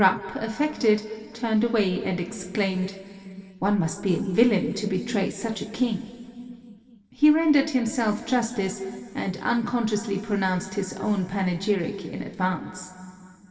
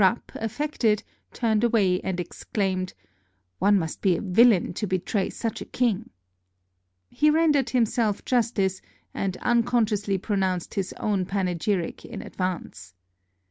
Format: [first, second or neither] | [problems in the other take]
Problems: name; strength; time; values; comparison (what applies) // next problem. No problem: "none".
second | room echo; dies away in 2.4 s